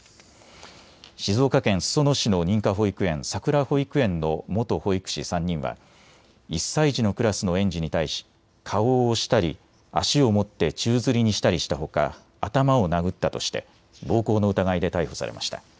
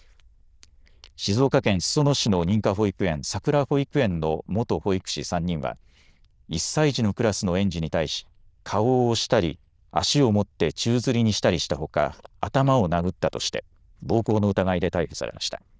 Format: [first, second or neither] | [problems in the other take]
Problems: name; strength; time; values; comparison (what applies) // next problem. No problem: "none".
first | noise reduction (neural diffusion model UNIVERSE++)